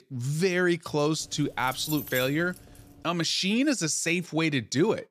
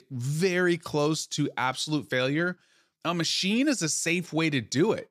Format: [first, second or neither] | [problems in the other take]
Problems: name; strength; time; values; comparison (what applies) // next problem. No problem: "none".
second | jangling keys; noticeable; from 1 to 3 s; peak 8 dB below the speech